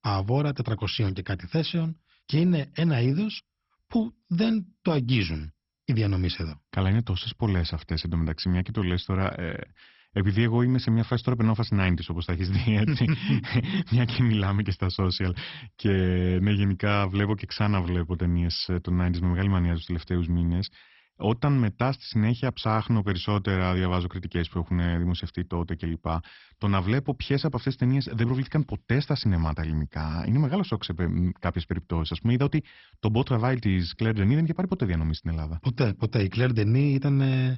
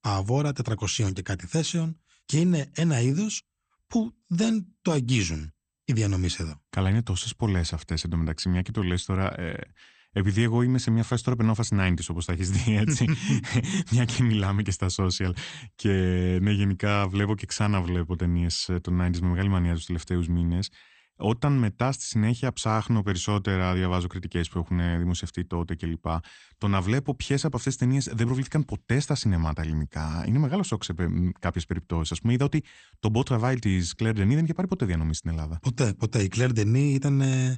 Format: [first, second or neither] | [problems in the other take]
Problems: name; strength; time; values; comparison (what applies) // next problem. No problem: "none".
second | garbled, watery; badly; nothing above 5.5 kHz; slightly in the second